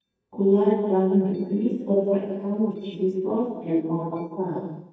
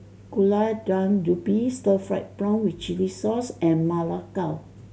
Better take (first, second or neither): second